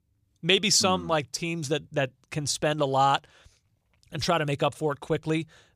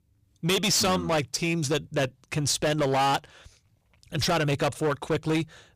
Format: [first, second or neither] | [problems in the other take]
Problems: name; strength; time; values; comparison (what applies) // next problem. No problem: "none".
first | distortion; heavy; 15% of the sound clipped